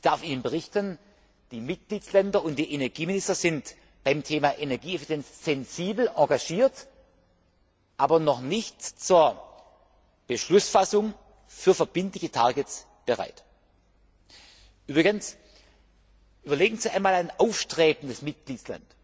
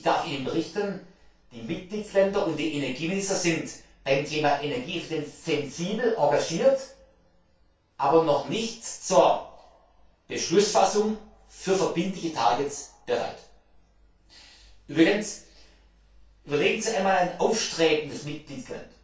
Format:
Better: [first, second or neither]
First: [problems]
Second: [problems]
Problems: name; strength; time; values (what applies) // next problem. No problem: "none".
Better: first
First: none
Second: room echo; dies away in 0.3 s